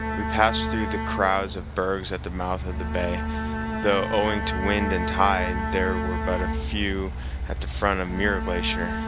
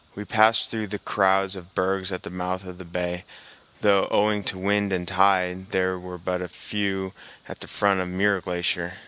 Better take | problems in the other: second | background sound (Bowed string instrument + Truck); 1 dB below the speech

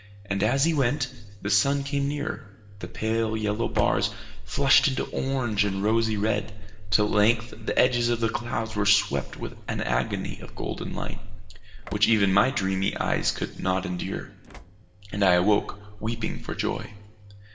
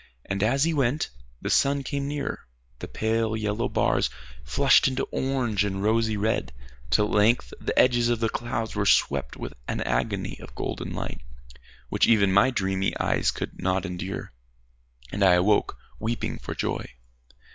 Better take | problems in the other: second | background sound (Slam / Engine); 19 dB below the speech // room echo; dies away in 0.9 s

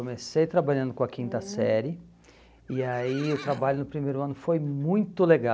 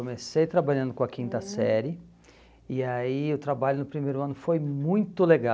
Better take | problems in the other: second | background sound (Livestock, farm animals, working animals); 18 dB below the speech

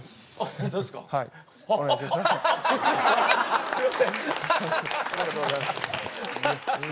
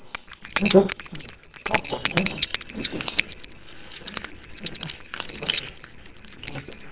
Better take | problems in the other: first | noise reduction (neural separator model SepFormer WHAMR!)

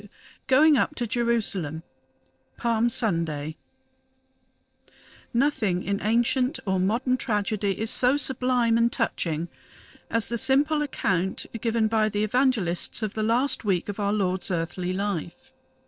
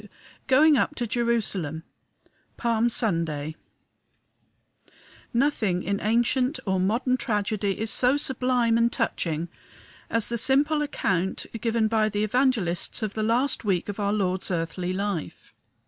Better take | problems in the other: second | noise reduction (neural separator model SepFormer DNS4)

